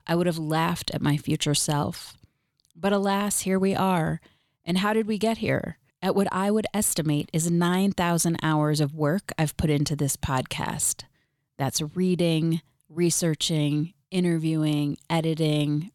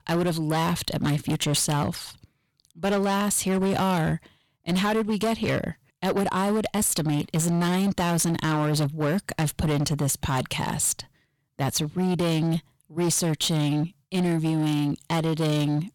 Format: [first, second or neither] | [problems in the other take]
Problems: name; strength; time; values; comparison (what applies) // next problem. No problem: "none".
first | distortion; slight; 20% of the sound clipped